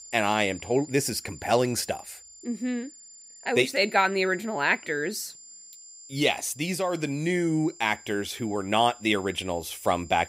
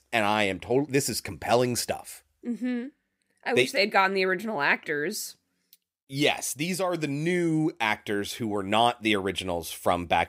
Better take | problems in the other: second | high-pitched whine; noticeable; throughout; 7 kHz, 20 dB below the speech

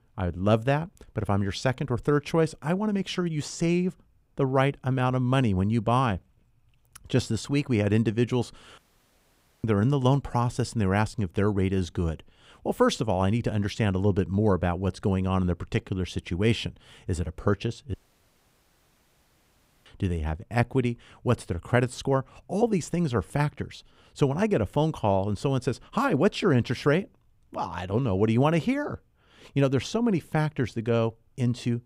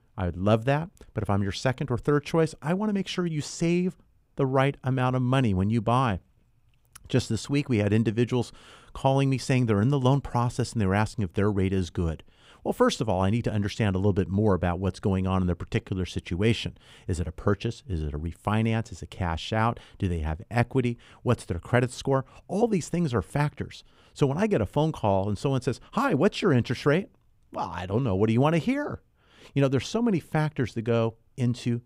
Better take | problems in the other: second | audio cutting out; at 9 s for 1 s and at 18 s for 2 s

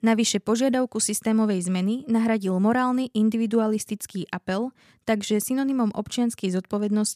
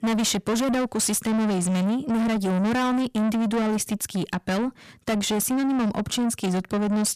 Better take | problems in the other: first | distortion; heavy; 7 dB below the speech

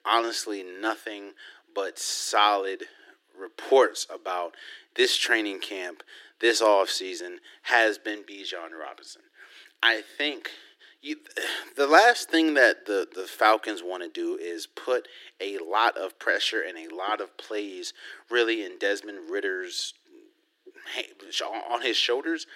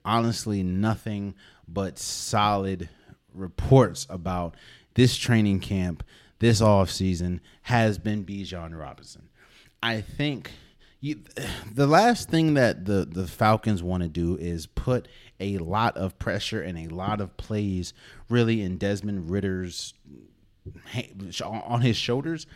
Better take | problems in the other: second | thin; very; fading below 300 Hz

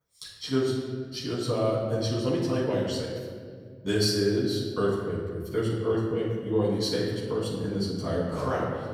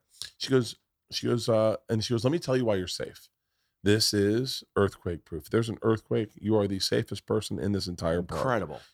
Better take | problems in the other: second | room echo; noticeable; dies away in 1.7 s // off-mic speech; far

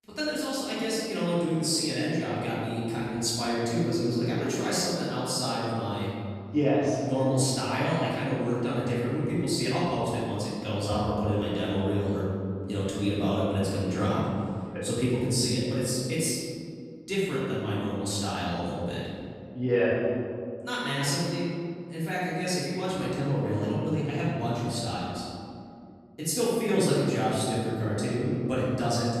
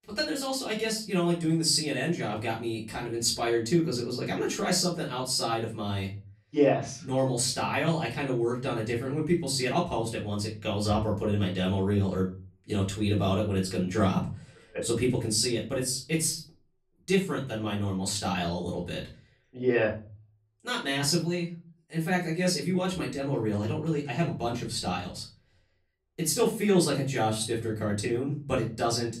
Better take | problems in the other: second | room echo; strong; dies away in 2.4 s; slight in the second // off-mic speech; far; far in the second

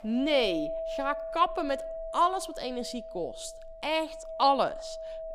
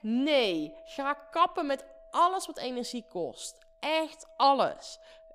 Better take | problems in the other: second | household noises; loud; throughout; 9 dB below the speech; faint in the second

